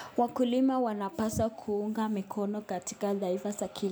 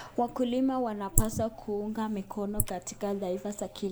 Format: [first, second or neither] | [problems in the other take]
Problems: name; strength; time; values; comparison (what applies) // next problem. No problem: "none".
first | noise reduction (neural mask model Resemble Enhance denoiser)